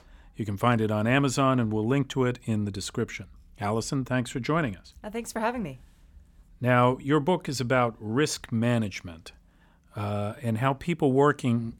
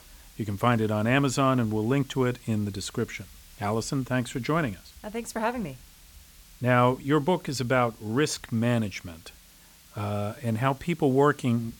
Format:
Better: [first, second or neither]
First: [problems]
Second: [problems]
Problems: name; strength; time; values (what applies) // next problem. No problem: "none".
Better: first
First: none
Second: hiss; faint; throughout; 25 dB below the speech